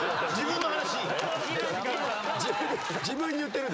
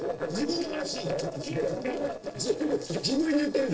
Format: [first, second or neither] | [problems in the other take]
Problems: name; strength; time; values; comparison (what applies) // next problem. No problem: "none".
first | noise reduction (neural separator model SepFormer DNS4)